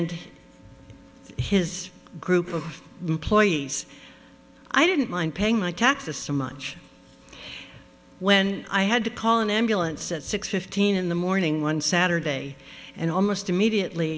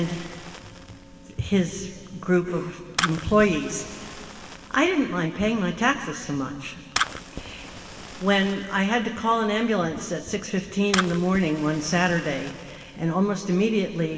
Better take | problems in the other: first | background sound (Fire); 12 dB below the speech // room echo; dies away in 2.5 s

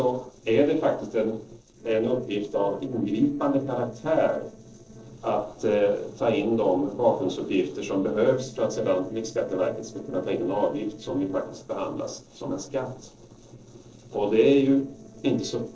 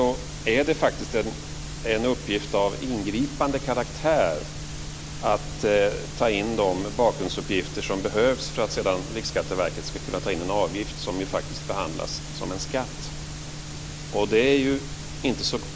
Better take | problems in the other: second | noise reduction (neural separator model SepFormer DNS4)

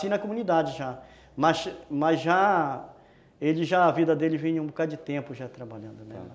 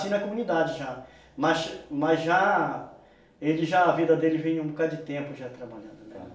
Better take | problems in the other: first | room echo; dies away in 0.4 s

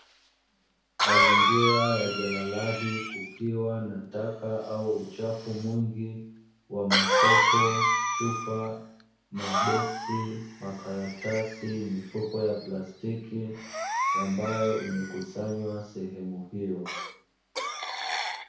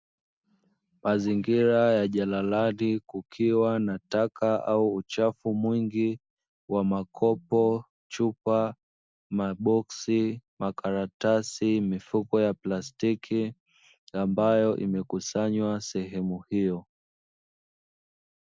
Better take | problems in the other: second | background sound (Cough); 2 dB above the speech // room echo; dies away in 0.6 s

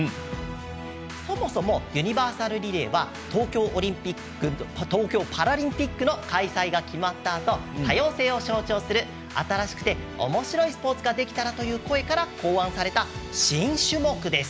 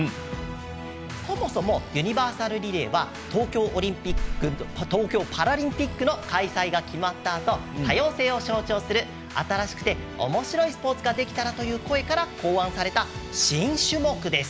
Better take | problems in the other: first | background sound (Breathing); 14 dB below the speech

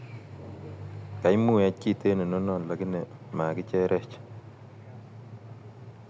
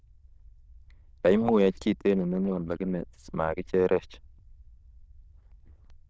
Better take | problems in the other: first | noise reduction (neural diffusion model UNIVERSE++)

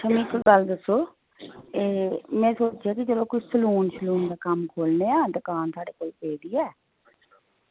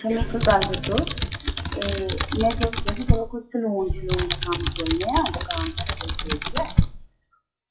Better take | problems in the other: first | noise reduction (classical method WPE with log-MMSE)

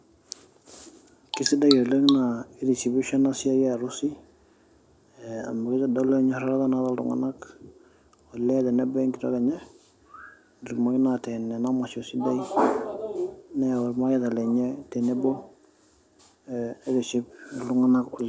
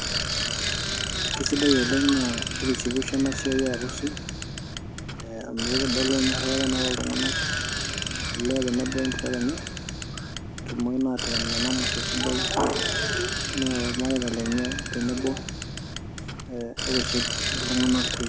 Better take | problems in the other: first | background sound (Bicycle); 1 dB below the speech

